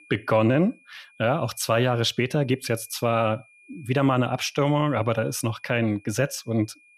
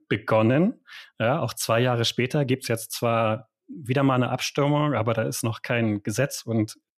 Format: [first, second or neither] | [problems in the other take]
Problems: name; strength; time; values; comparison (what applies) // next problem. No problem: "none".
second | high-pitched whine; faint; throughout; 2.5 kHz, 30 dB below the speech